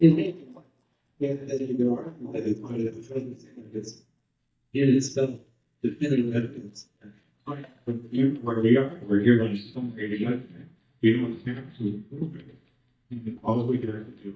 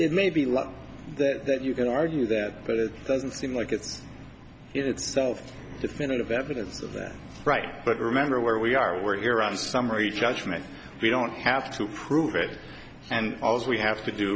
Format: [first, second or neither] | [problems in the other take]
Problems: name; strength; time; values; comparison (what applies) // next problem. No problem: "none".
second | noise reduction (neural mask model DeepFilterNet 3)